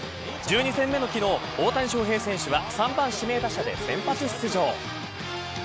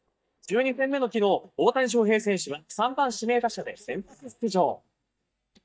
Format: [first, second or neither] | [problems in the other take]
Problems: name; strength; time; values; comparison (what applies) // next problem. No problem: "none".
first | noise reduction (neural mask model DeepFilterNet 3)